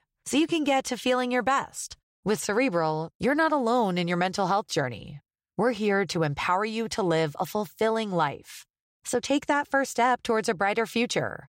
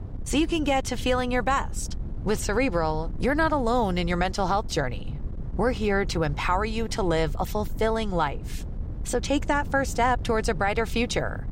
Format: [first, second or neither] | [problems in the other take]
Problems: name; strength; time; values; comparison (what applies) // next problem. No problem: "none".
first | wind noise on the microphone; occasional gusts; 20 dB below the speech